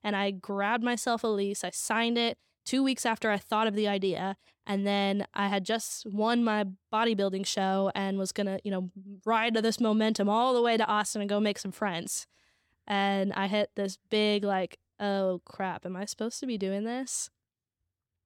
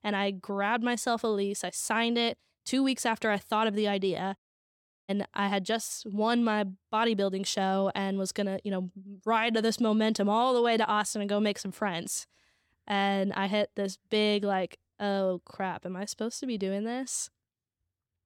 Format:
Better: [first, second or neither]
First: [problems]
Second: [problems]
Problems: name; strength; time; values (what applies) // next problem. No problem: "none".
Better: first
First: none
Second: audio cutting out; at 4.5 s for 0.5 s